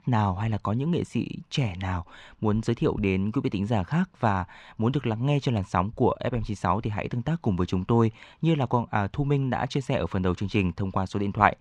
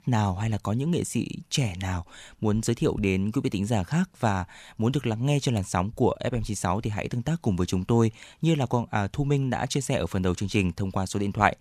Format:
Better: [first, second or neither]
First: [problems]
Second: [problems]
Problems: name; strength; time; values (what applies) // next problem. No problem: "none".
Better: second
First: muffled; slightly; fading above 3.5 kHz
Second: none